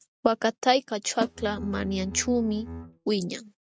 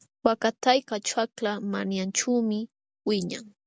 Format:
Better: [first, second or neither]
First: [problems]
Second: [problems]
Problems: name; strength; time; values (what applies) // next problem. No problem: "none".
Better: second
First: noise reduction (neural mask model RNNoise)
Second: none